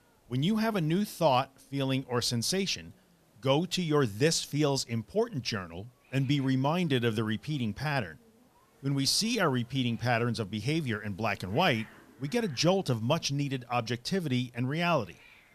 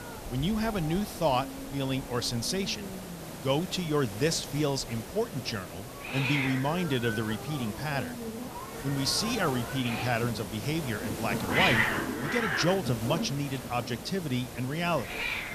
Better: first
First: hiss; faint; throughout; 30 dB below the speech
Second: hiss; loud; throughout; 4 dB below the speech

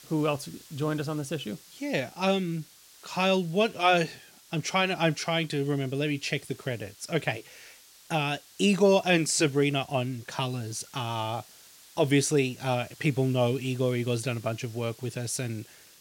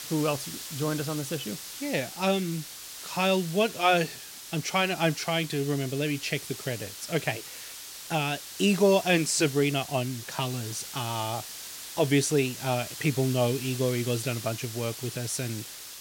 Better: first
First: hiss; faint; throughout; 25 dB below the speech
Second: hiss; loud; throughout; 10 dB below the speech

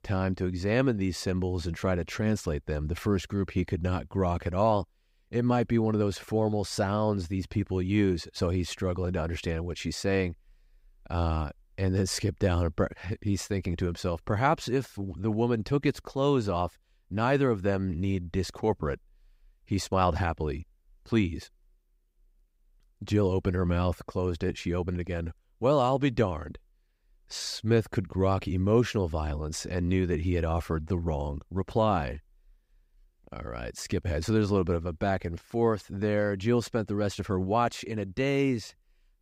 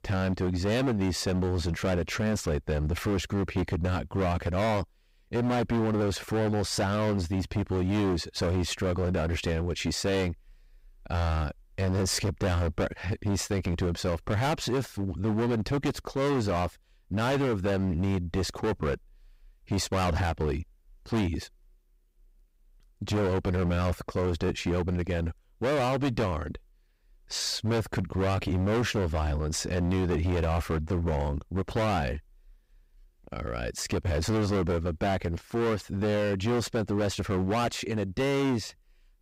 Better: first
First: none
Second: distortion; heavy; 20% of the sound clipped

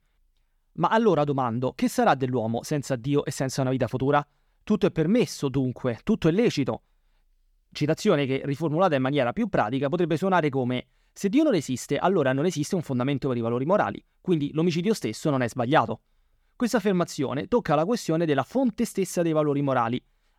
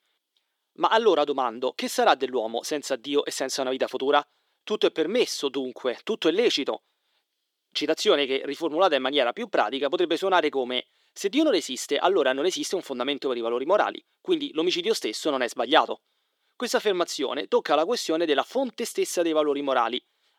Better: first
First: none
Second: thin; somewhat; fading below 350 Hz

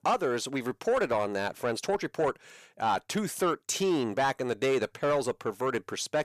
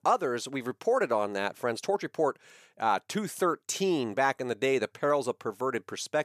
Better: second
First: distortion; slight; 10 dB below the speech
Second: none

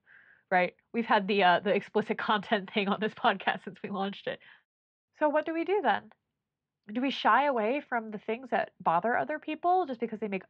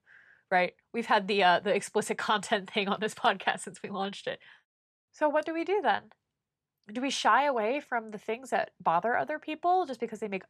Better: second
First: muffled; slightly; fading above 3.5 kHz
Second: none

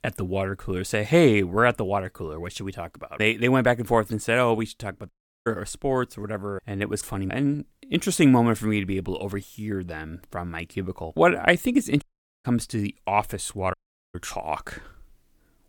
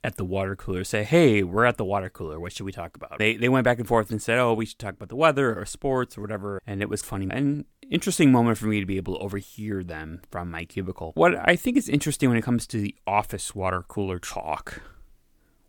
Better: second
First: audio cutting out; at 5 s, at 12 s and at 14 s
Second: none

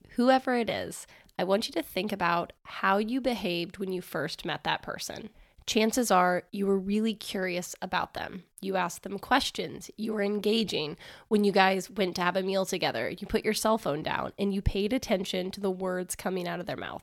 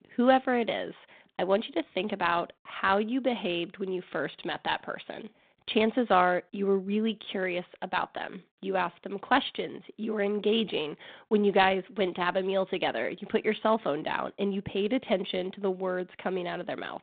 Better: first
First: none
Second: phone-call audio; nothing above 4 kHz

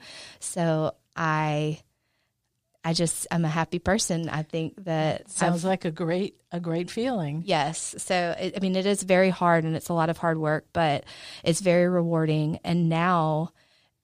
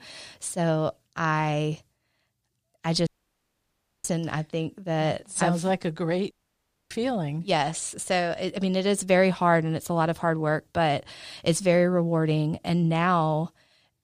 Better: first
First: none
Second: audio cutting out; at 3 s for 1 s and at 6.5 s for 0.5 s

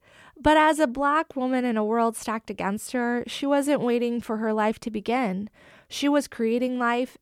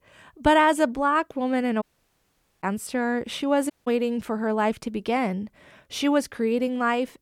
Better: first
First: none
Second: audio cutting out; at 2 s for 1 s and at 3.5 s

